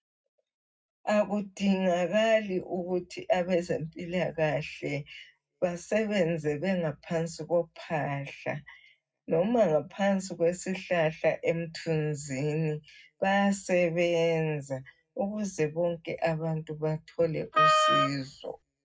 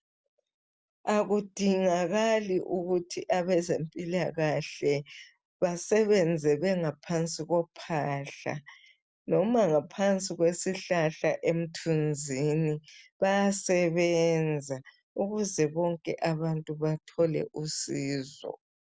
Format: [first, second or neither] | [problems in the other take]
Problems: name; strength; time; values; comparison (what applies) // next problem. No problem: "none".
second | background sound (Wind instrument, woodwind instrument); 4 dB above the speech // room echo; dies away in 0.3 s